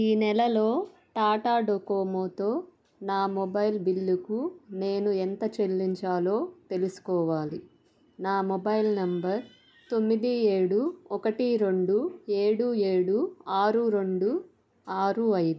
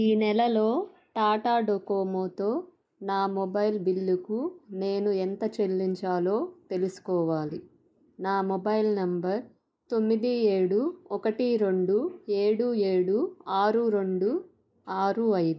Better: first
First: none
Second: noise reduction (neural mask model Resemble Enhance denoiser)

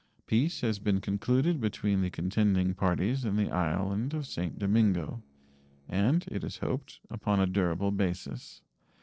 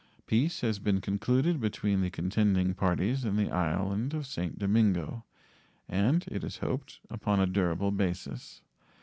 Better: second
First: noise reduction (neural separator model SepFormer DNS4)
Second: none

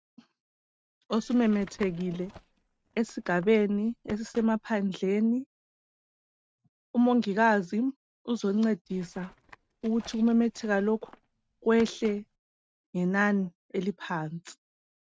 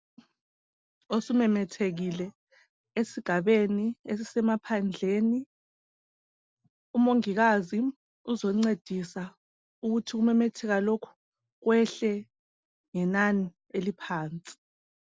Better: second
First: noise reduction (neural mask model RNNoise)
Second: none

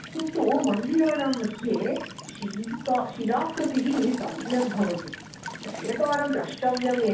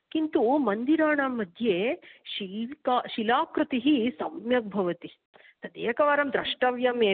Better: second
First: background sound (Walk, footsteps / Stream / Trickle, dribble / Chirp, tweet); 12 dB below the speech // room echo; dies away in 0.7 s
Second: none

